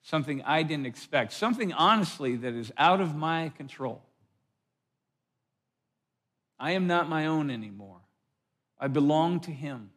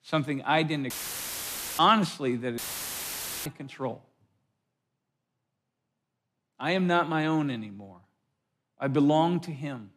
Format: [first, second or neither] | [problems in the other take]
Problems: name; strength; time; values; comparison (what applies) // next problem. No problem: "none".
first | audio cutting out; filled with static; at 1 s for 1 s and at 2.5 s for 1 s